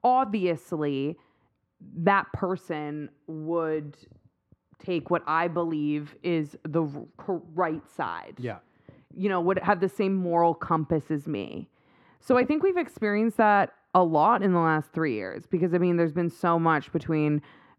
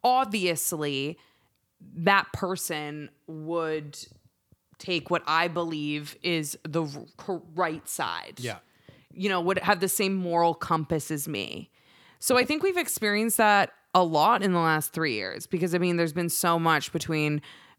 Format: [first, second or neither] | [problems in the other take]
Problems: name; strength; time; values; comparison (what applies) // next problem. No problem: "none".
second | muffled; very; fading above 3.5 kHz